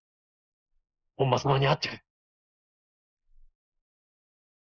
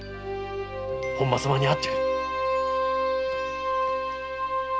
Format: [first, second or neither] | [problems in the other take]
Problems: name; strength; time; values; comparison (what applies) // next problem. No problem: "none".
second | noise reduction (neural mask model Resemble Enhance denoiser)